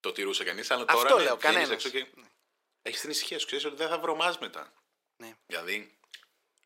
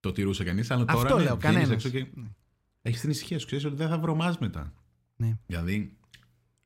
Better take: second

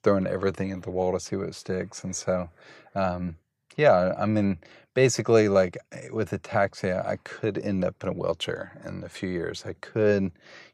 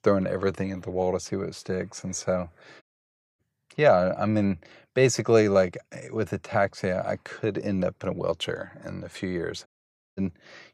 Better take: first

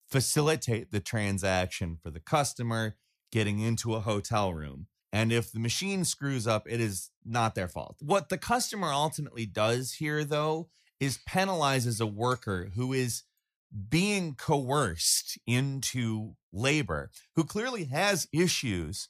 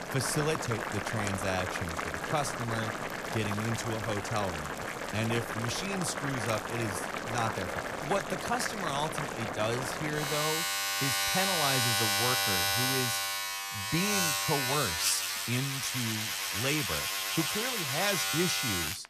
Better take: first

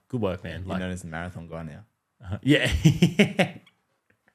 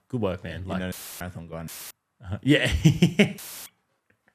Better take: first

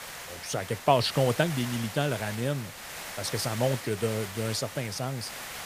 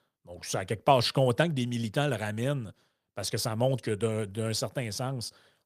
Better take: second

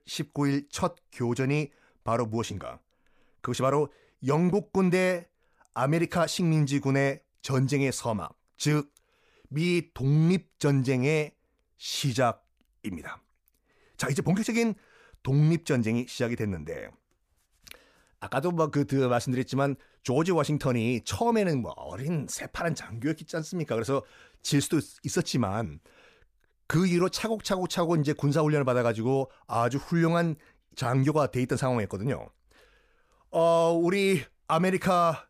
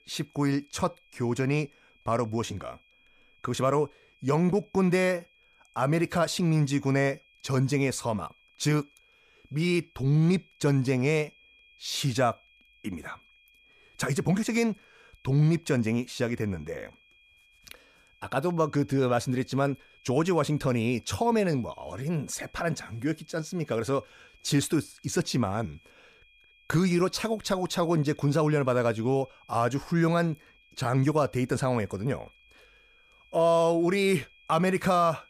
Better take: first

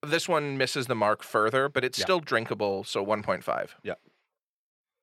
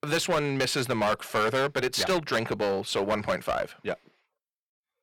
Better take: first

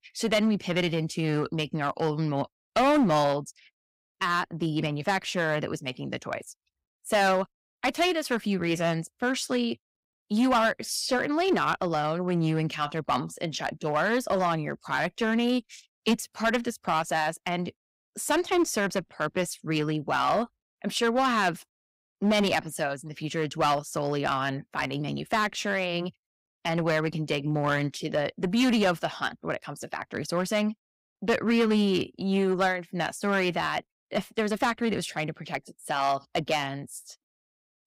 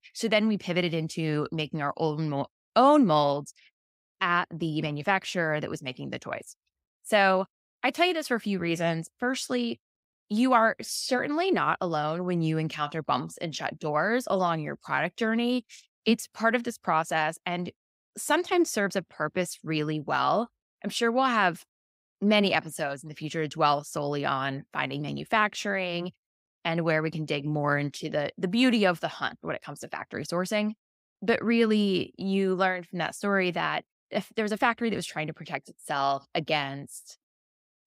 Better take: second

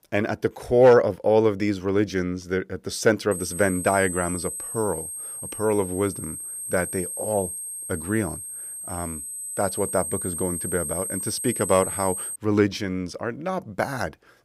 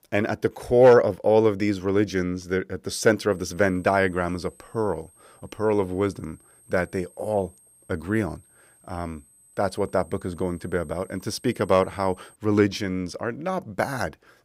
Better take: second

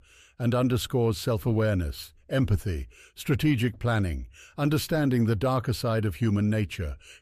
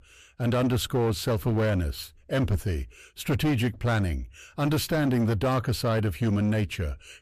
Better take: first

